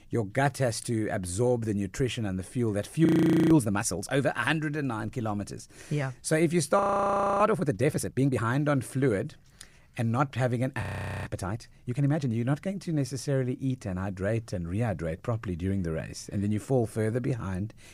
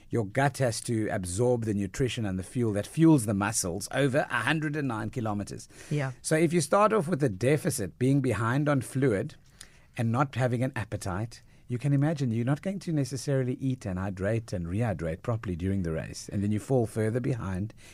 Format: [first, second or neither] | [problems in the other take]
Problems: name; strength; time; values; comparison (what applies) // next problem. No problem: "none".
second | audio freezing; at 3 s, at 7 s for 0.5 s and at 11 s